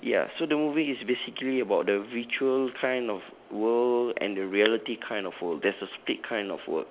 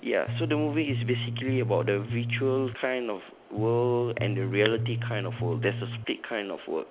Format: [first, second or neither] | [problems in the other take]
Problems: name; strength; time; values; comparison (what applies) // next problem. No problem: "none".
first | background sound (Bass guitar); 3 dB below the speech